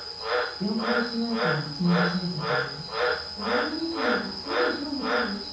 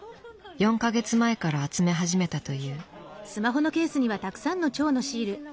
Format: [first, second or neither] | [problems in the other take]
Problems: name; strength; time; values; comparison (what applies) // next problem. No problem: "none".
second | background sound (Frog); 2 dB above the speech // room echo; dies away in 0.9 s